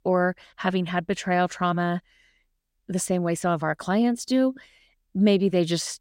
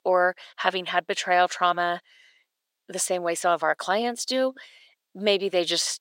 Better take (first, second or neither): first